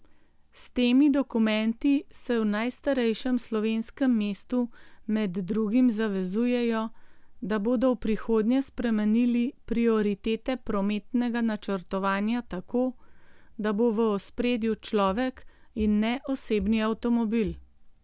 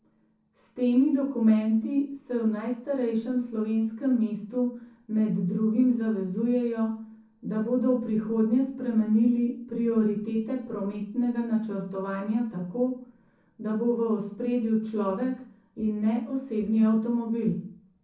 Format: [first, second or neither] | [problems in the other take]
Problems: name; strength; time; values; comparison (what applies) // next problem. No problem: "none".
first | room echo; dies away in 0.6 s